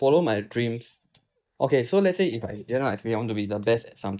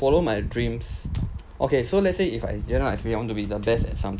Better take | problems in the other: second | noise reduction (neural mask model DeepFilterNet 3)

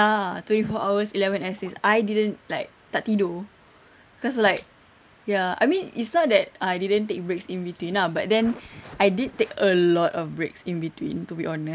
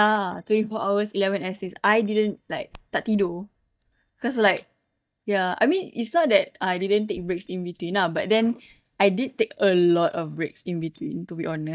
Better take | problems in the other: first | noise reduction (neural mask model DeepFilterNet 3)

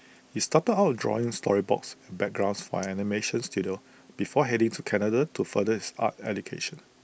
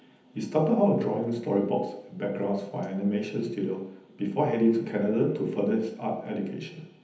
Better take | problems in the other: first | room echo; dies away in 1.3 s

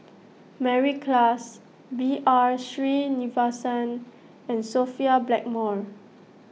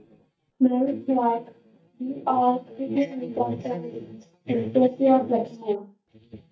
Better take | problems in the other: first | noise reduction (neural mask model DeepFilterNet 3)

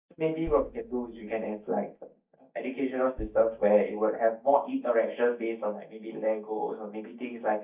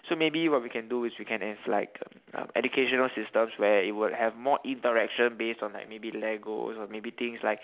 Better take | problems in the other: second | noise reduction (neural mask model DeepFilterNet 3)

